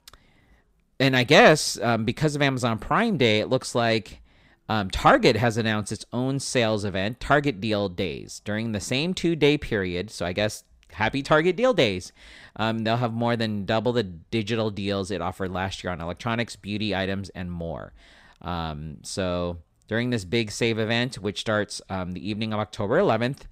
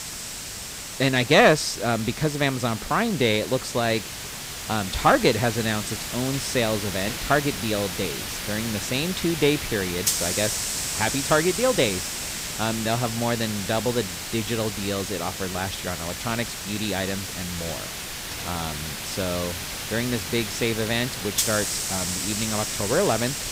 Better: first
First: none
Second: hiss; loud; throughout; 4 dB below the speech

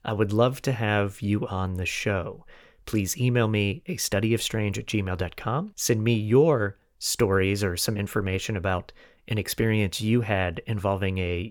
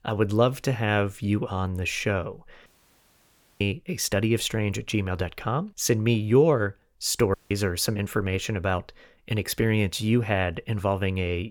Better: first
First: none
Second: audio cutting out; at 2.5 s for 1 s and at 7.5 s

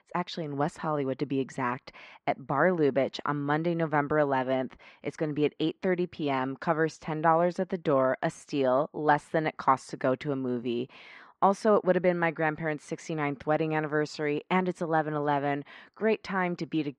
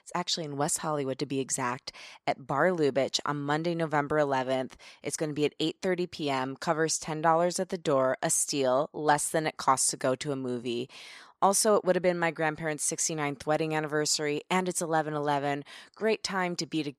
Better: second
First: muffled; very; fading above 2 kHz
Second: none

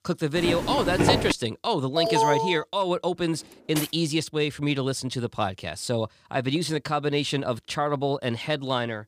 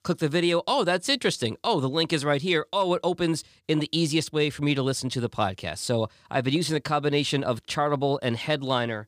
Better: second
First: footsteps; loud; at 0.5 s; peak 4 dB above the speech // alarm; loud; at 2 s; peak 4 dB above the speech // clattering dishes; noticeable; at 4 s; peak 6 dB below the speech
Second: none

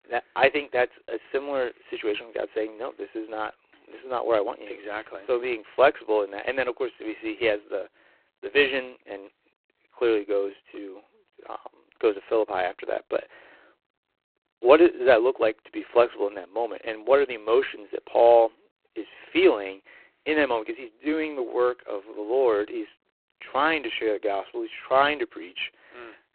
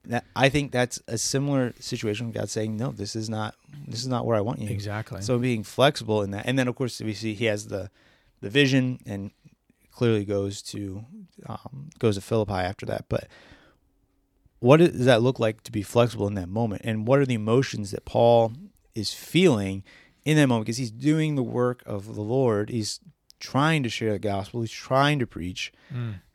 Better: second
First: phone-call audio; poor line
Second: none

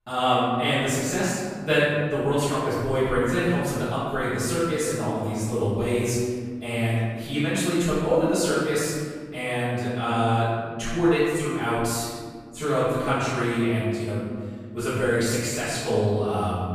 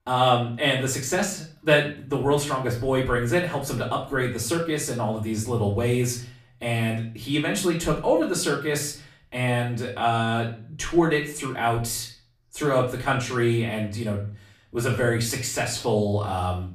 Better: second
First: room echo; strong; dies away in 1.8 s // off-mic speech; far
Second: room echo; slight; dies away in 0.4 s // off-mic speech; far

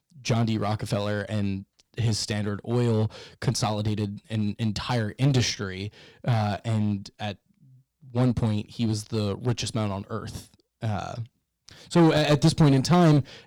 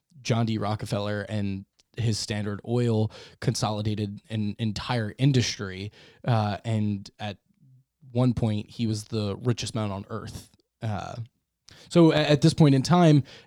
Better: second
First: distortion; slight; 4% of the sound clipped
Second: none

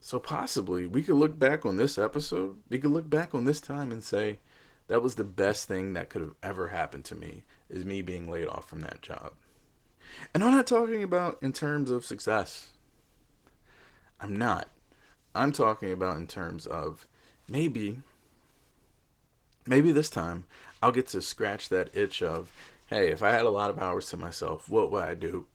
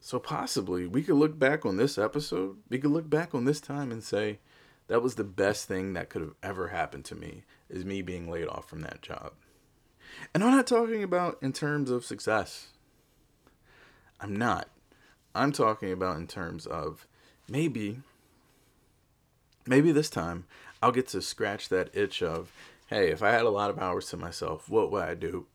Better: second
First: garbled, watery; slightly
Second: none

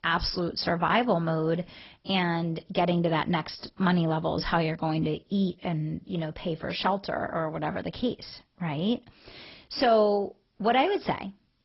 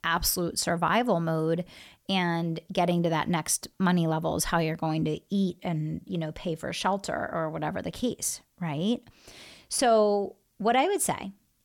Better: second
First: garbled, watery; badly; nothing above 5.5 kHz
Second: none

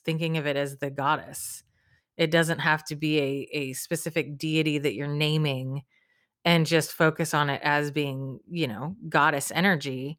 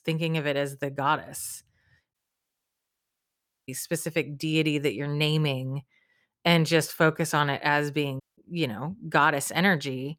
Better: first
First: none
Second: audio cutting out; at 2 s for 1.5 s and at 8 s

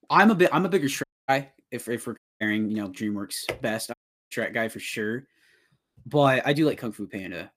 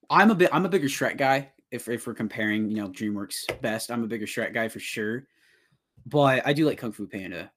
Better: second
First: audio cutting out; at 1 s, at 2 s and at 4 s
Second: none

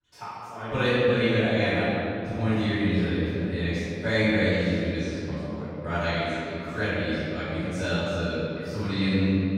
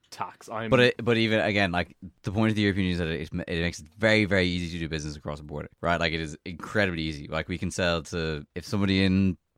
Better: second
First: room echo; strong; dies away in 2.8 s // off-mic speech; far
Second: none

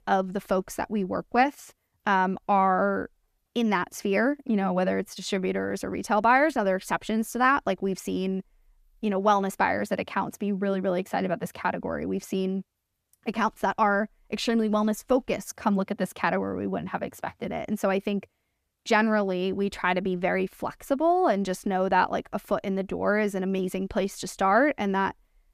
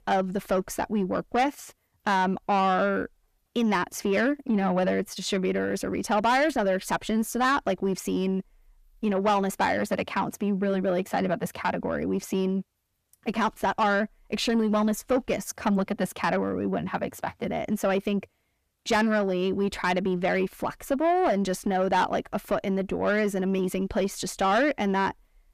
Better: first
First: none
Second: distortion; slight; 10 dB below the speech

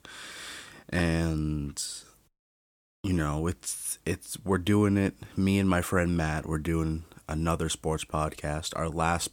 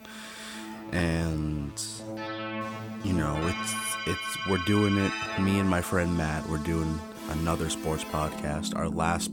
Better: first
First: none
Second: background music; loud; throughout; 5 dB below the speech

